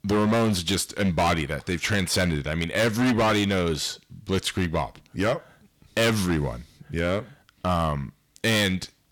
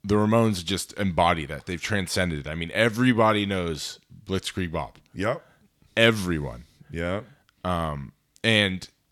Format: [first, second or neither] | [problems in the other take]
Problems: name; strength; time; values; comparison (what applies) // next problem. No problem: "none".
second | distortion; heavy; 11% of the sound clipped